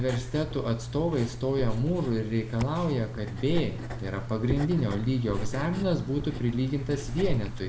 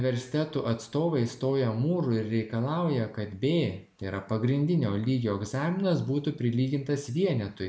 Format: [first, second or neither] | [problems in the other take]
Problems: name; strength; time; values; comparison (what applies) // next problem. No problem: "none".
second | background sound (Writing); 5 dB below the speech